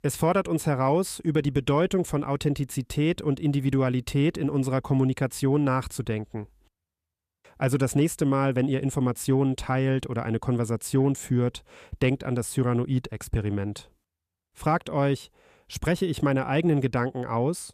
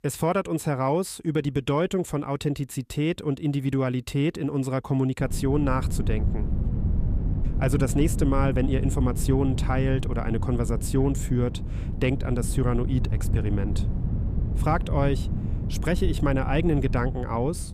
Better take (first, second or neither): first